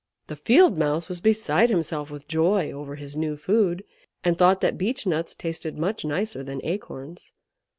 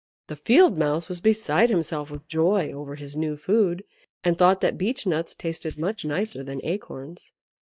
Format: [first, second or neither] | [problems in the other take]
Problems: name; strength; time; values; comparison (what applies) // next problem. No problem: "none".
first | noise reduction (neural mask model DeepFilterNet 3)